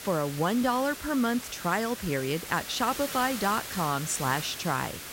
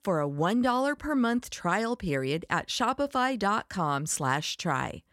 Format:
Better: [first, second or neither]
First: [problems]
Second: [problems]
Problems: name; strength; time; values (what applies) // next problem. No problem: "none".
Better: second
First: hiss; loud; throughout; 8 dB below the speech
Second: none